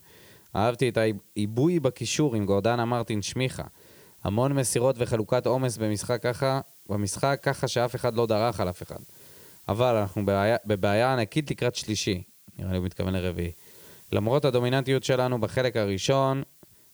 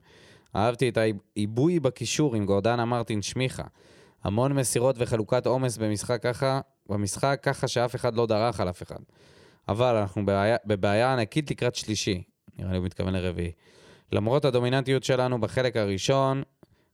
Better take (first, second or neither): second